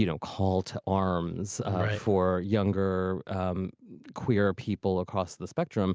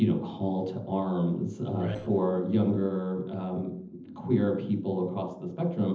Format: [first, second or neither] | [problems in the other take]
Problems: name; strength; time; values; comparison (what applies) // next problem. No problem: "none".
first | noise reduction (neural separator model SepFormer DNS4)